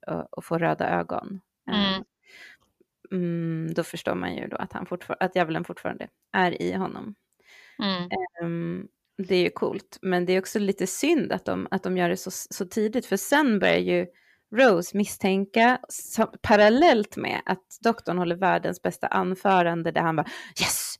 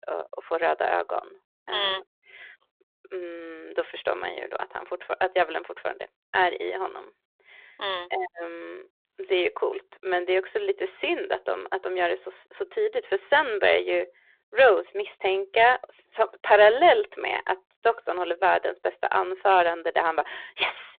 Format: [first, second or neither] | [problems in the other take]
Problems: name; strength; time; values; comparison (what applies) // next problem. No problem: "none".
first | phone-call audio